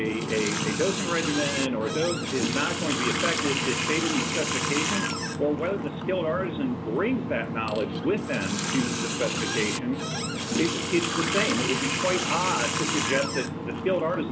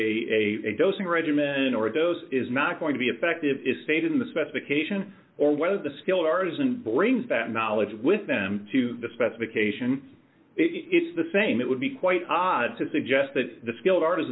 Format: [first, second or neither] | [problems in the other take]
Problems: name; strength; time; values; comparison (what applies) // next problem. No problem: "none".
second | background sound (Water tap, faucet); as loud as the speech